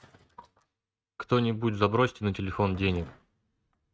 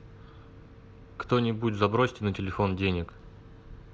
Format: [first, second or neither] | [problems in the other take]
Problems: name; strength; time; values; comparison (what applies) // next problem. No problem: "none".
second | noise reduction (neural mask model RNNoise)